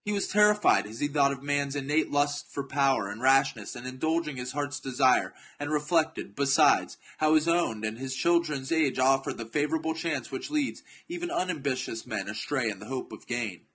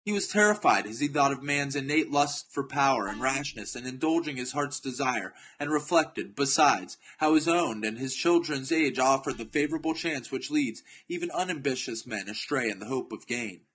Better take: first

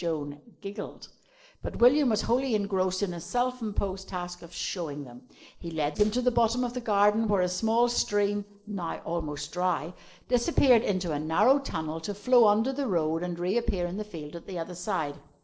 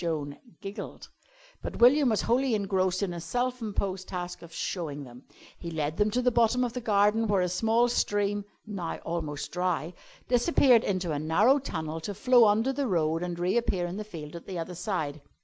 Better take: second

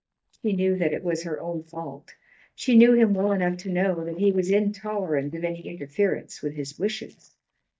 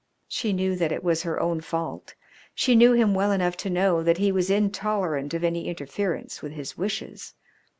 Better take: second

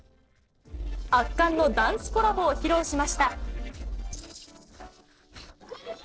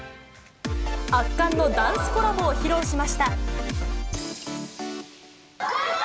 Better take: second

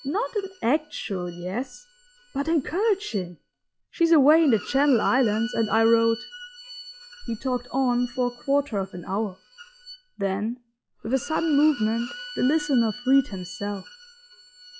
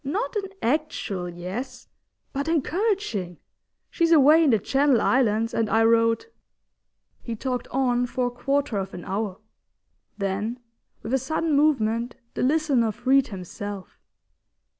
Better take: second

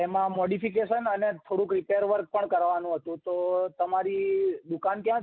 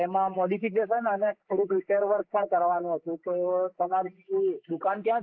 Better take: first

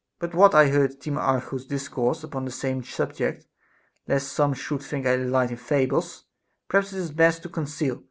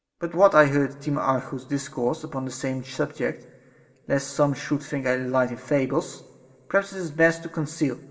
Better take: first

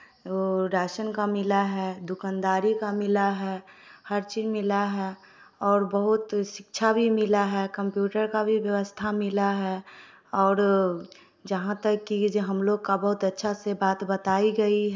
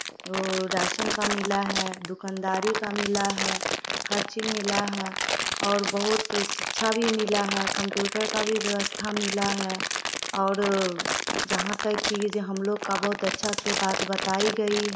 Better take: first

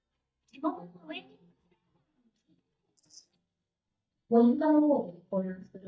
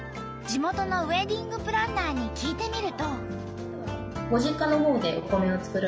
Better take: second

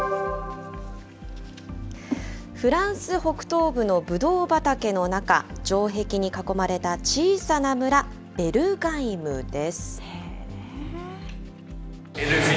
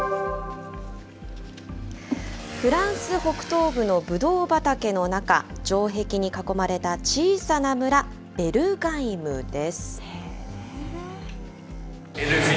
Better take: first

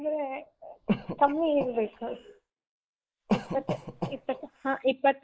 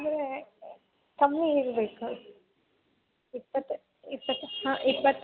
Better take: second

